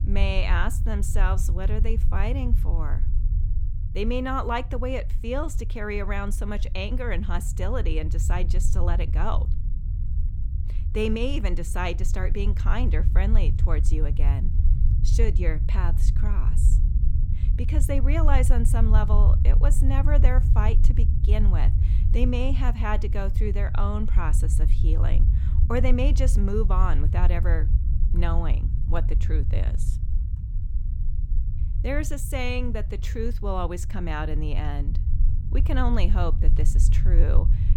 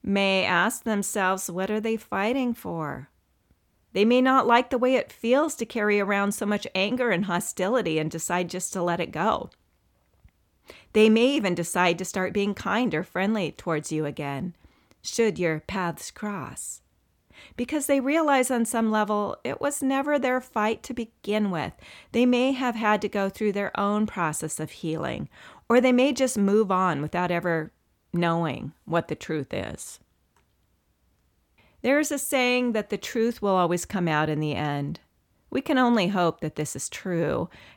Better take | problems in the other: second | low rumble; noticeable; throughout; 10 dB below the speech

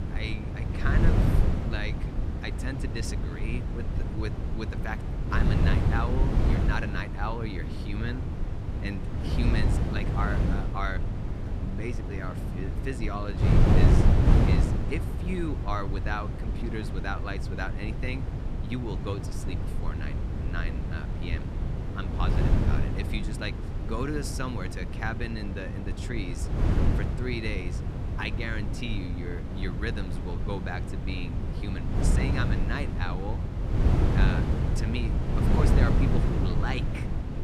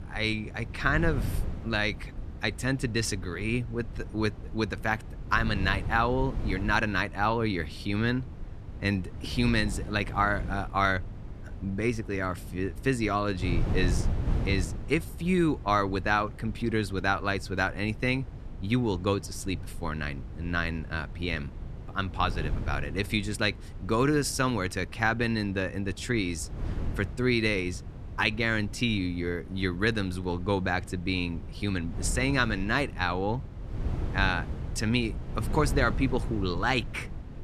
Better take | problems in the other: second | wind noise on the microphone; heavy; 1 dB below the speech; occasional gusts in the second

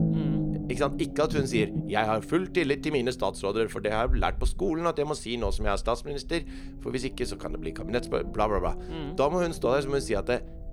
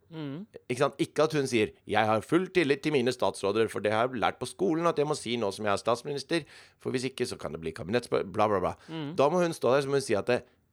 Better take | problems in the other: second | low rumble; noticeable; throughout; 15 dB below the speech

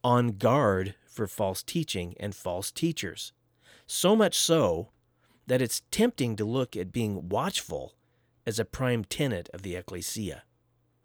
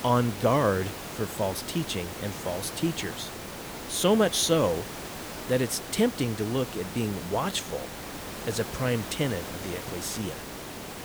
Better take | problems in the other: first | hiss; loud; throughout; 9 dB below the speech

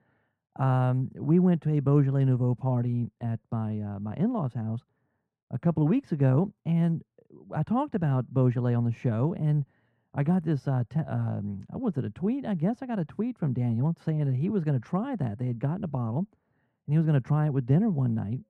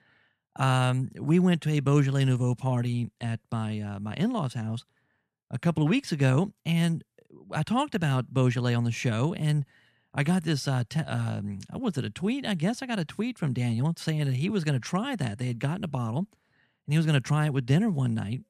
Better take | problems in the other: second | muffled; very; fading above 2 kHz

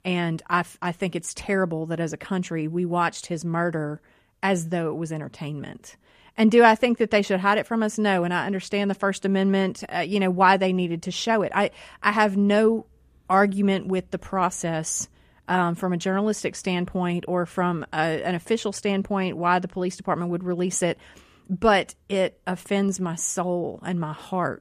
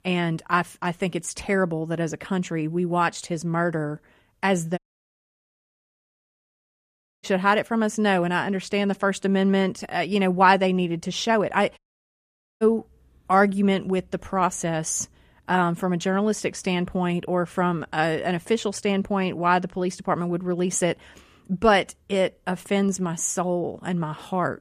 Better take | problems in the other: first | audio cutting out; at 5 s for 2.5 s and at 12 s for 1 s

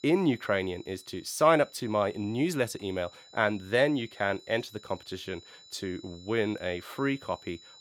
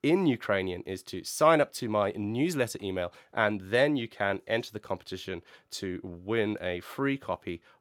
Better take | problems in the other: second | high-pitched whine; faint; throughout; 4 kHz, 20 dB below the speech

